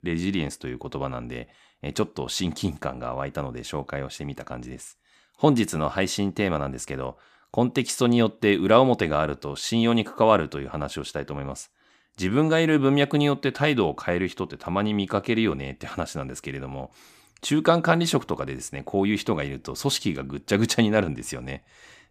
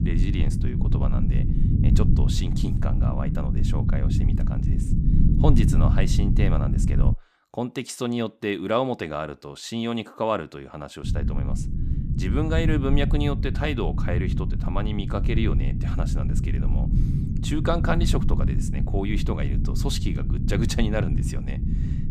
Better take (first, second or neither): first